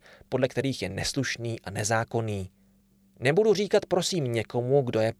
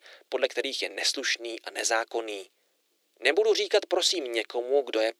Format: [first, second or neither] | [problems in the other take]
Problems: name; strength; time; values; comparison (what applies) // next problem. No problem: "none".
first | thin; very; fading below 300 Hz